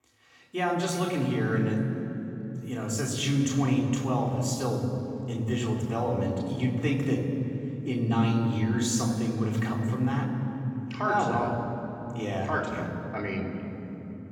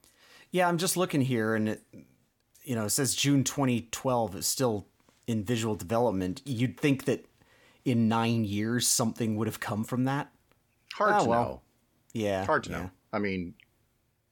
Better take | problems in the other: second | room echo; noticeable; dies away in 3 s // off-mic speech; far

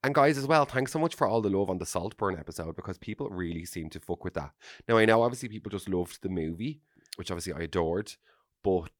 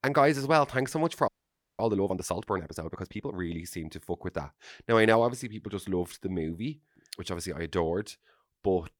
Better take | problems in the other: first | audio freezing; at 1.5 s for 0.5 s

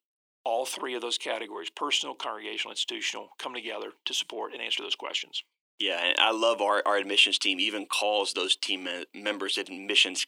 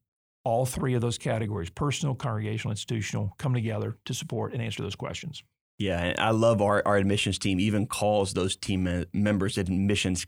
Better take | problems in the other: second | thin; very; fading below 300 Hz

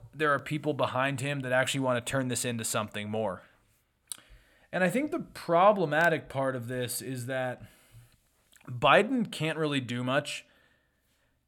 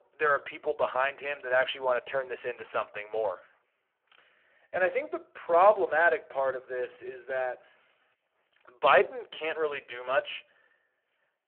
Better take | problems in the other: first | phone-call audio; poor line

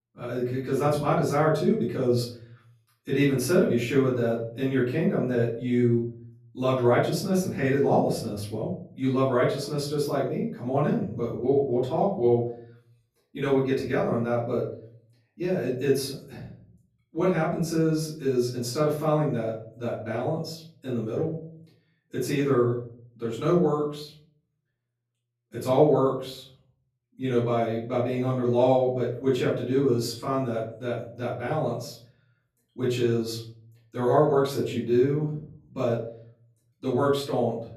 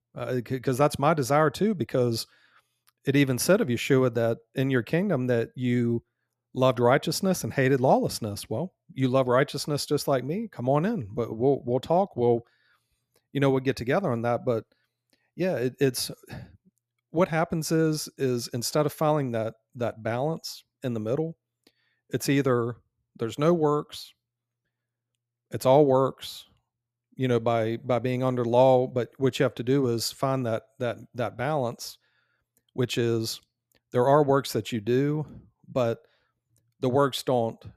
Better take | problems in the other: second | off-mic speech; far // room echo; noticeable; dies away in 0.5 s

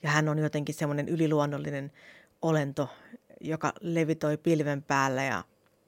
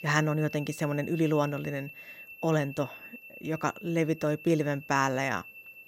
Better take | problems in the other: first | high-pitched whine; noticeable; throughout; 2.5 kHz, 15 dB below the speech

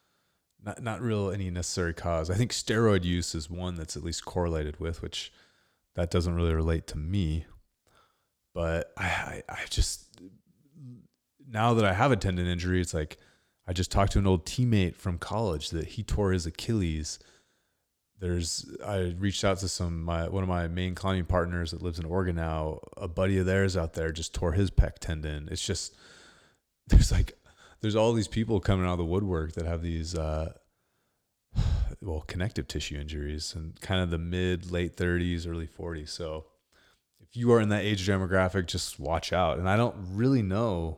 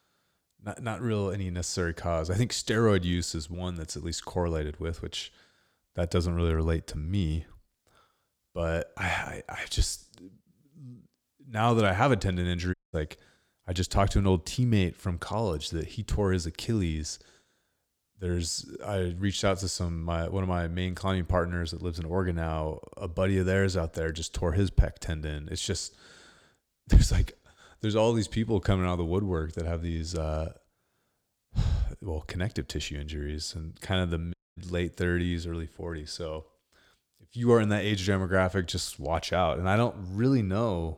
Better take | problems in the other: first | audio cutting out; at 13 s and at 34 s

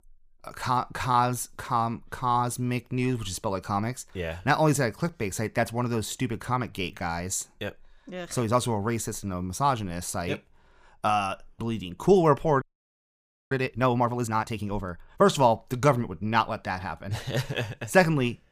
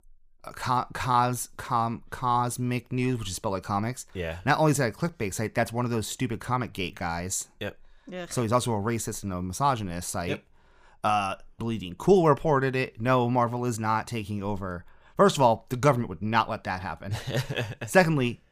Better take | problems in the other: second | audio freezing; at 13 s for 1 s

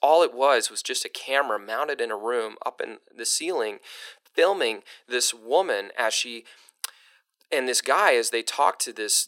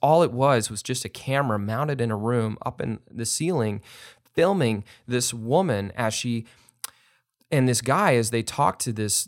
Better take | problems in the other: second | thin; very; fading below 350 Hz

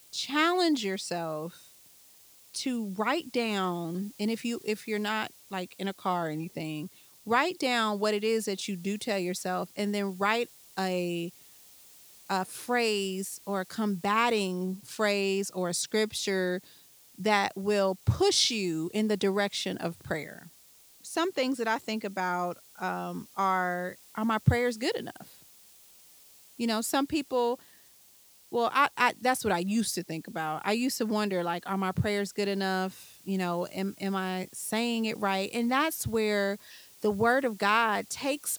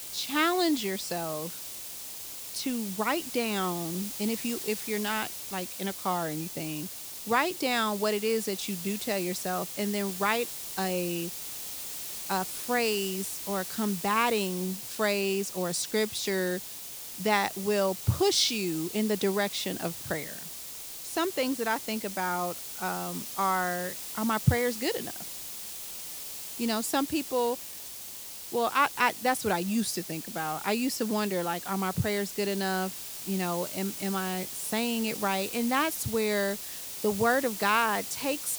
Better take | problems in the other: first | hiss; loud; throughout; 7 dB below the speech; faint in the first

